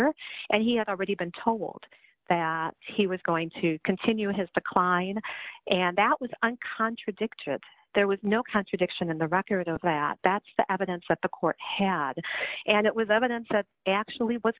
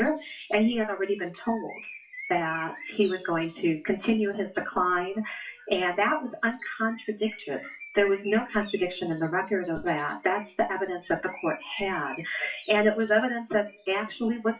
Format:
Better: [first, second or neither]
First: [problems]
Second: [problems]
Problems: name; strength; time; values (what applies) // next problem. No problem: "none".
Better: first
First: none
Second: noise reduction (classical method WPE with log-MMSE)